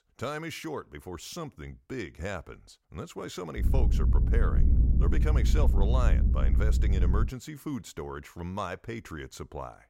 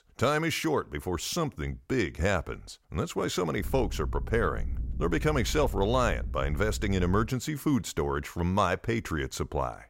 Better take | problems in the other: second | low rumble; loud; from 3.5 to 7.5 s; 5 dB below the speech; faint in the second

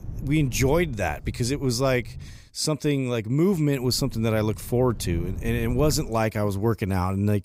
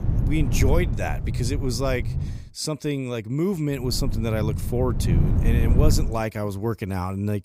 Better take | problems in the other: first | low rumble; loud; until 2.5 s and from 4 to 6 s; 8 dB below the speech; faint in the first

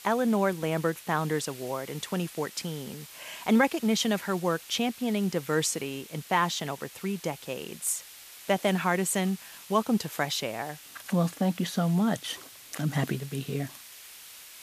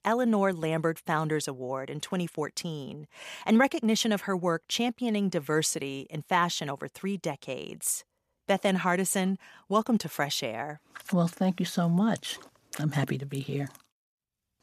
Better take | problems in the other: second | hiss; noticeable; throughout; 15 dB below the speech

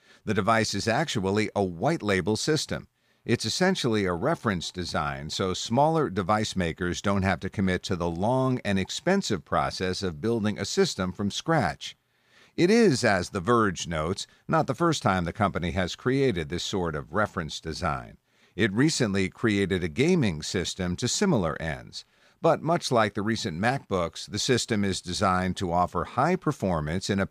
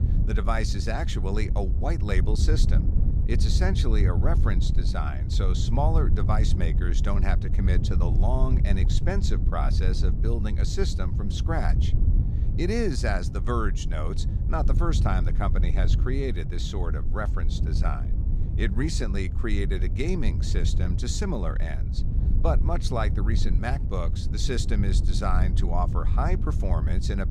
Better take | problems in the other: first | wind noise on the microphone; heavy; 9 dB below the speech

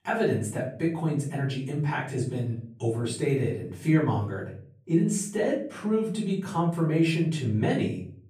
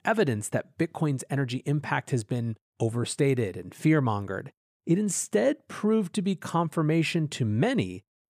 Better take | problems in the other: second | off-mic speech; far // room echo; slight; dies away in 0.4 s

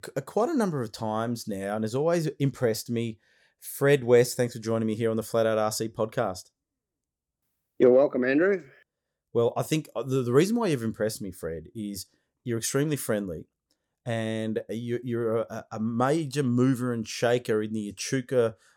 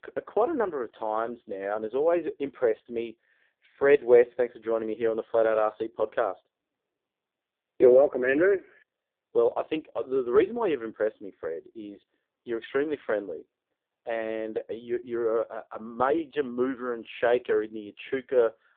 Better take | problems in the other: first | phone-call audio; poor line

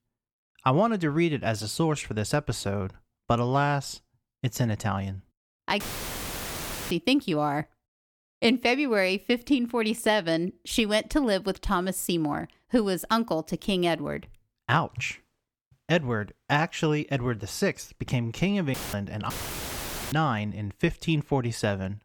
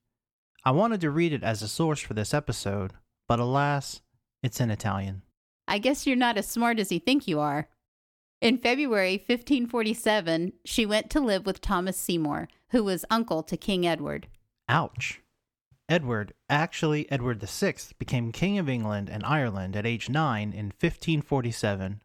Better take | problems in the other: second | audio cutting out; filled with static; at 6 s for 1 s and at 19 s for 1 s

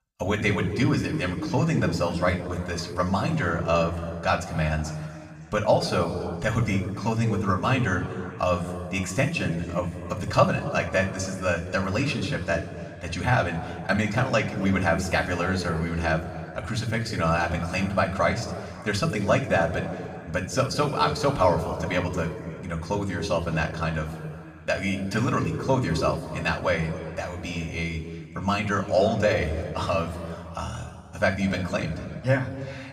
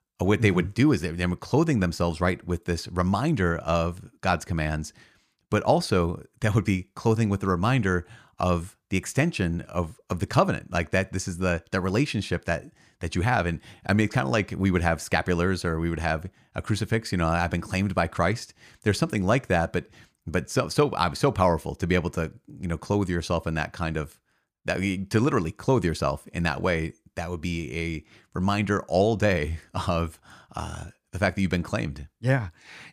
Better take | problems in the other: second | room echo; noticeable; dies away in 2.1 s // off-mic speech; somewhat distant

